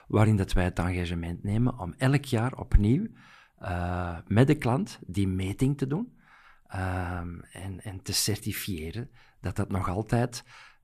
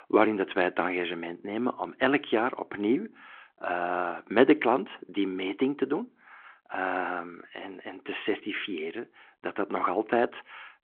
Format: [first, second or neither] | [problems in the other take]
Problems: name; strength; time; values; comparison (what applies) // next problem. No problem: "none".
first | phone-call audio